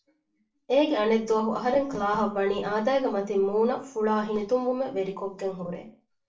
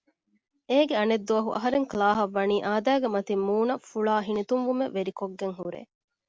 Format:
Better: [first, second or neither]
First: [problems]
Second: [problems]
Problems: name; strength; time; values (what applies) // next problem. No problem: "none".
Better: second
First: room echo; dies away in 0.3 s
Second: none